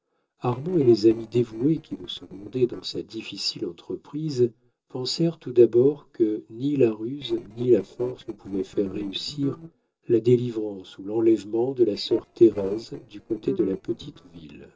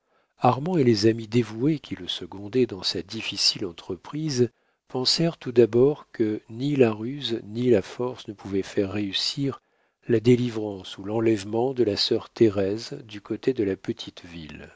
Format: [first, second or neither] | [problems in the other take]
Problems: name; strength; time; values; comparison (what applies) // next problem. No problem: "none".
second | noise reduction (neural separator model SepFormer DNS4)